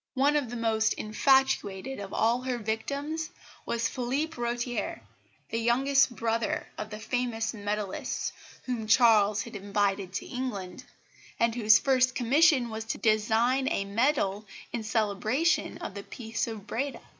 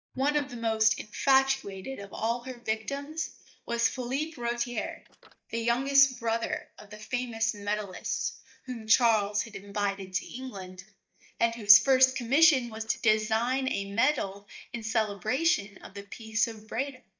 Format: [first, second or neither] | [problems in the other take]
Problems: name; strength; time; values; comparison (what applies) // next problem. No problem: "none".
first | noise reduction (neural mask model DeepFilterNet 3)